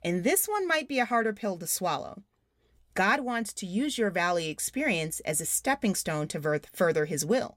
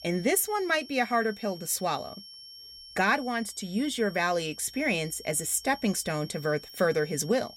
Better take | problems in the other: first | high-pitched whine; noticeable; throughout; 5.5 kHz, 15 dB below the speech

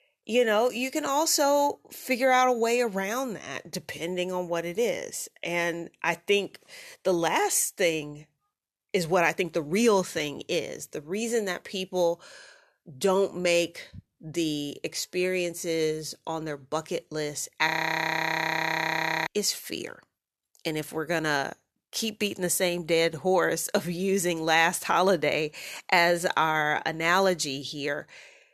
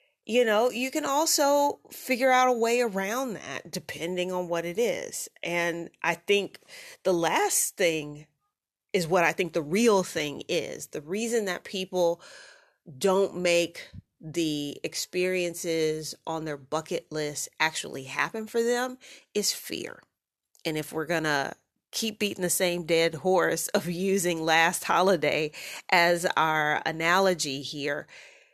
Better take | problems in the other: second | audio freezing; at 18 s for 1.5 s

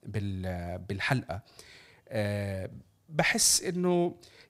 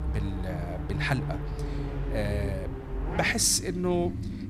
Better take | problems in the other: first | traffic noise; loud; throughout; 5 dB below the speech

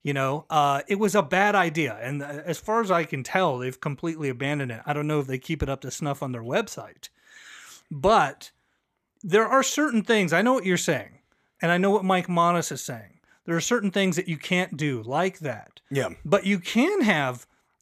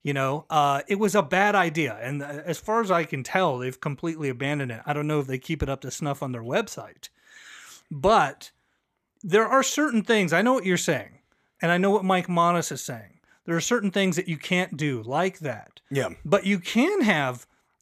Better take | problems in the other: neither | none

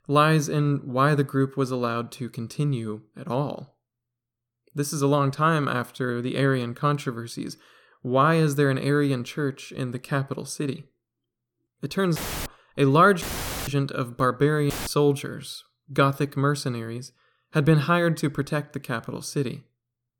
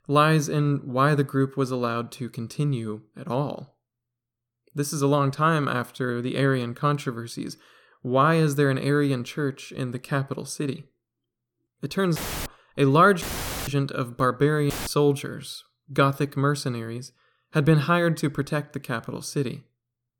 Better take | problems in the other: neither | audio cutting out; filled with static; at 12 s, at 13 s and at 15 s; the same in both

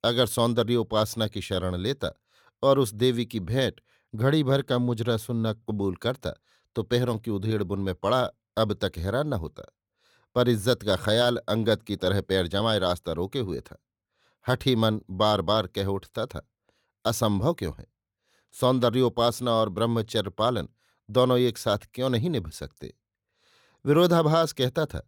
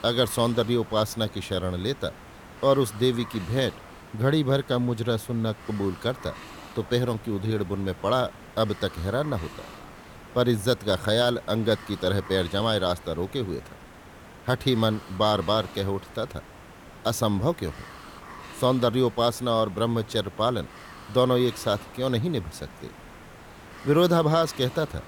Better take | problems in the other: first | hiss; noticeable; throughout; 20 dB below the speech

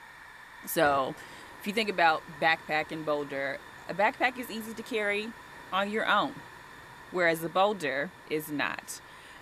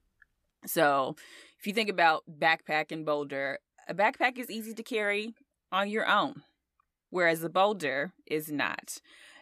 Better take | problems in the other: second | hiss; noticeable; throughout; 20 dB below the speech

